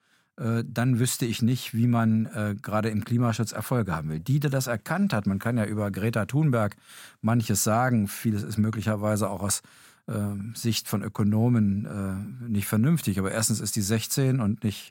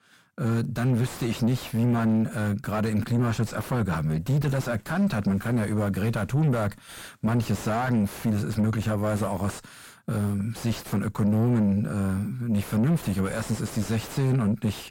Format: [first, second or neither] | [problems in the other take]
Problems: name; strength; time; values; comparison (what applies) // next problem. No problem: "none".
first | distortion; heavy; 6 dB below the speech